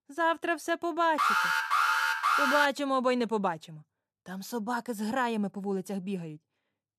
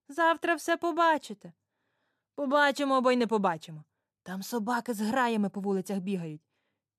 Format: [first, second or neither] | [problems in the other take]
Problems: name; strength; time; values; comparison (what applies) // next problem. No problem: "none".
second | alarm; loud; from 1 to 2.5 s; peak 5 dB above the speech